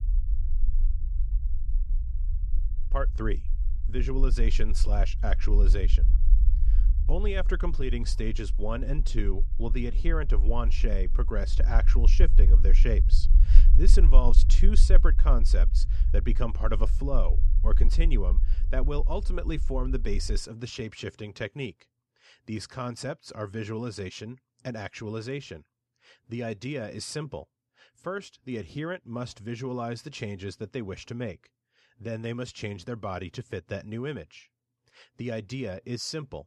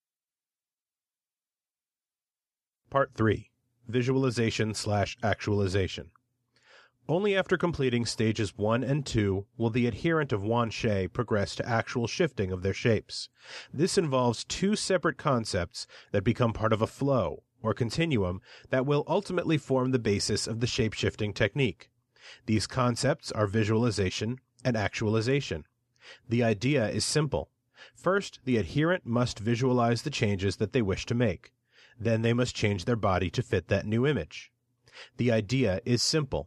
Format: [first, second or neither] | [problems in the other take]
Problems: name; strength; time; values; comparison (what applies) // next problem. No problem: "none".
second | low rumble; noticeable; until 20 s; 15 dB below the speech